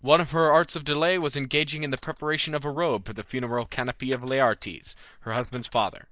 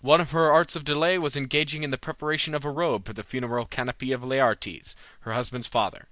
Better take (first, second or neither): second